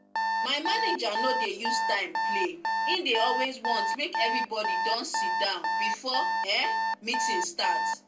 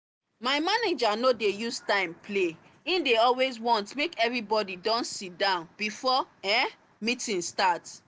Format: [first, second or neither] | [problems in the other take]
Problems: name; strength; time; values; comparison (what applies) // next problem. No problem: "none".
second | background sound (Alarm); 2 dB above the speech // room echo; dies away in 0.2 s